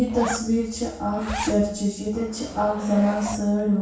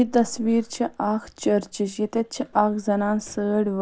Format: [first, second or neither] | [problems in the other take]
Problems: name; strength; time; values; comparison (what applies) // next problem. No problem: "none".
second | background sound (Zipper (clothing)); 12 dB below the speech // room echo; dies away in 0.6 s